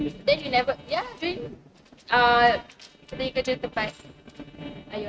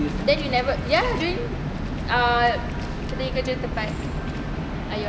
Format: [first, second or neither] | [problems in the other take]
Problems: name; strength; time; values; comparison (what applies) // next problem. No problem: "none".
second | noise reduction (neural mask model RNNoise)